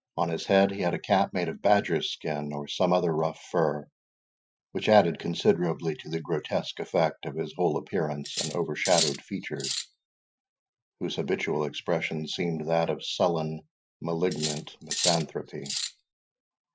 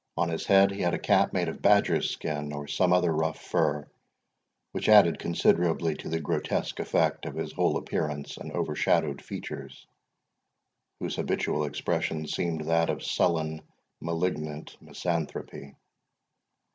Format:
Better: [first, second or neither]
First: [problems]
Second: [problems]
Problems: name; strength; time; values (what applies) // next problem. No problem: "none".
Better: second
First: noise reduction (classical method Wiener filter)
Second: none